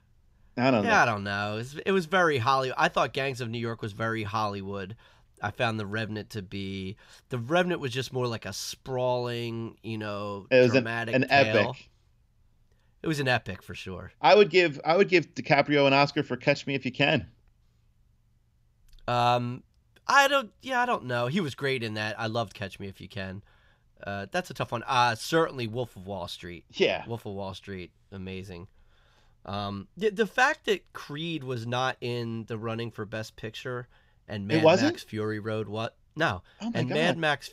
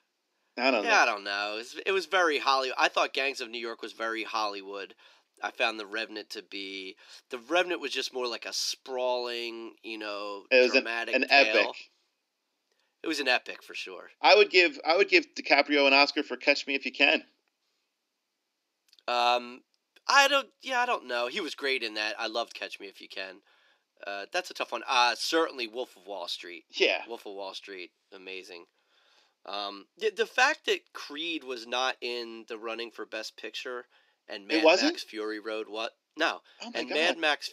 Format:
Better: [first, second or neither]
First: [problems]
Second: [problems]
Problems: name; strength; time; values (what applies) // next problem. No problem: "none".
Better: first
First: none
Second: thin; somewhat; fading below 300 Hz